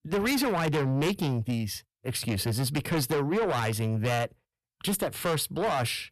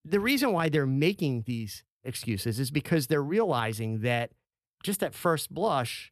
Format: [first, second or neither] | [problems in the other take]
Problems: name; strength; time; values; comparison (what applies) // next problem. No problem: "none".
second | distortion; heavy; 6 dB below the speech